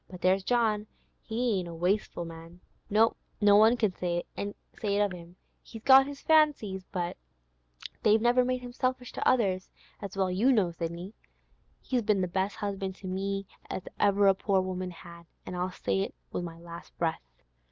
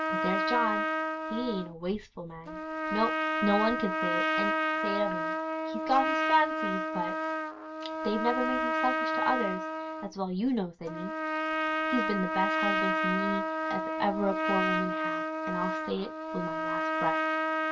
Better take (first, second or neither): first